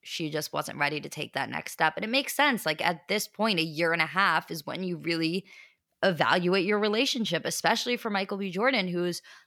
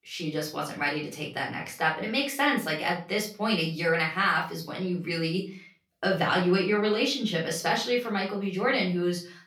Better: first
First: none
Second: off-mic speech; far // room echo; slight; dies away in 0.3 s

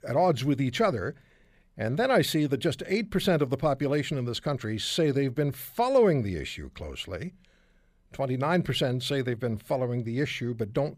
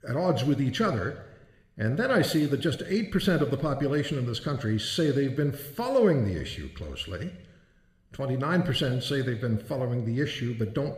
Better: first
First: none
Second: room echo; slight; dies away in 0.8 s

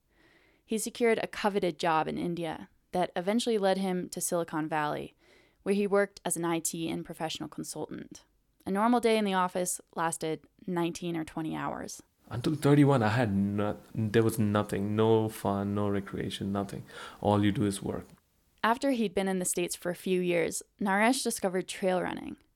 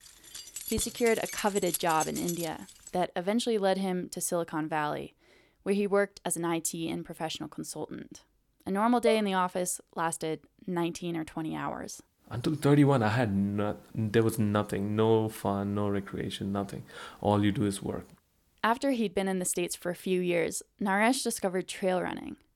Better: first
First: none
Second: jangling keys; noticeable; until 3 s; peak 4 dB below the speech // clattering dishes; noticeable; at 9 s; peak 5 dB below the speech

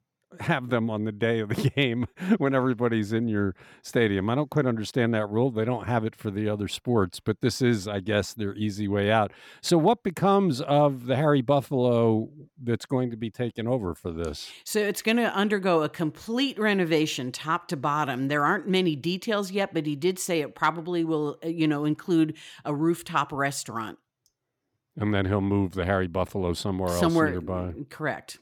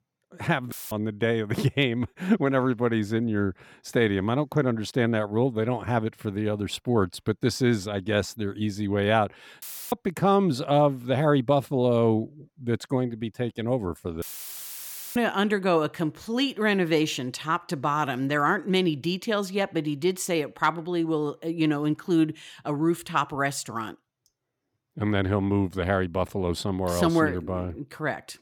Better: first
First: none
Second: audio cutting out; filled with static; at 0.5 s, at 9.5 s and at 14 s for 1 s

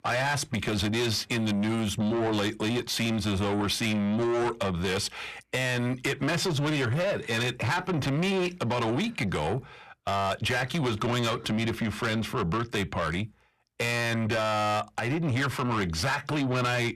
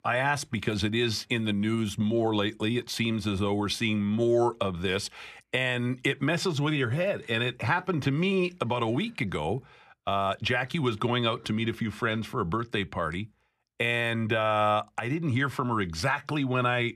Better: second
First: distortion; heavy; 7 dB below the speech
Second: none

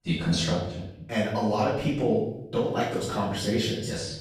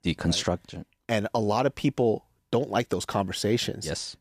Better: second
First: off-mic speech; far // room echo; noticeable; dies away in 0.7 s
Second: none

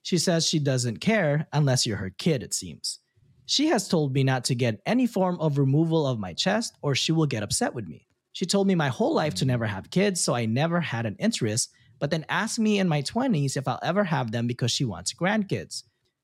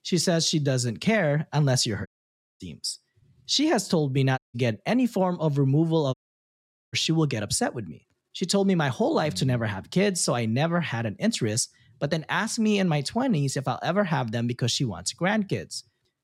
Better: first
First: none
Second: audio cutting out; at 2 s for 0.5 s, at 4.5 s and at 6 s for 1 s

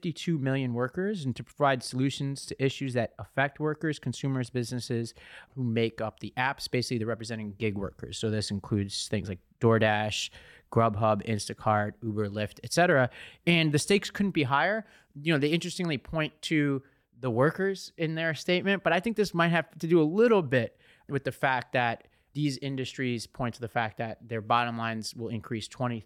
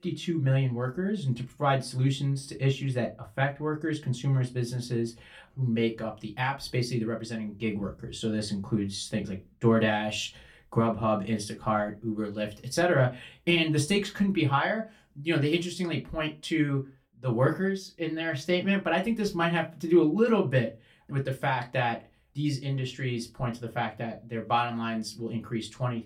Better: first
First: none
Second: off-mic speech; far // room echo; very slight; dies away in 0.2 s

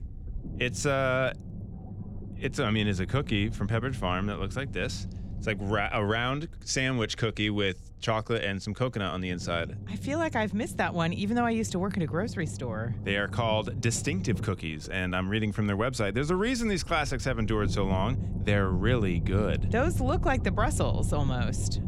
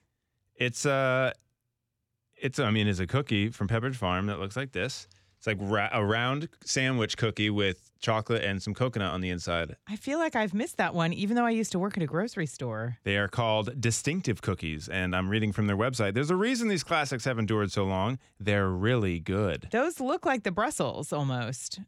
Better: second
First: low rumble; noticeable; throughout; 15 dB below the speech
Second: none

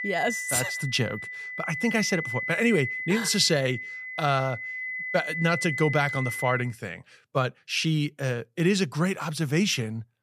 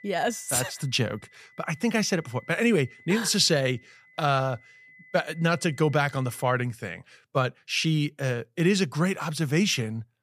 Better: second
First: high-pitched whine; loud; until 6.5 s; 2 kHz, 5 dB below the speech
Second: high-pitched whine; faint; until 6.5 s; 2 kHz, 25 dB below the speech

